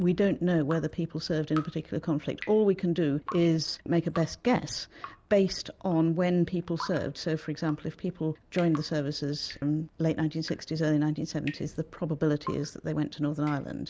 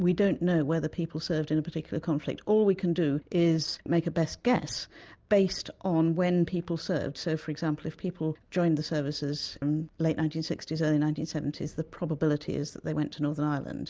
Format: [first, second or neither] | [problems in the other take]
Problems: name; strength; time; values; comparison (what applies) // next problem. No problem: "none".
second | background sound (Drip); 20 dB below the speech